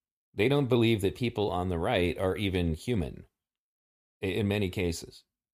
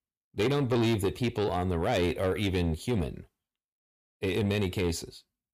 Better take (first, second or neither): first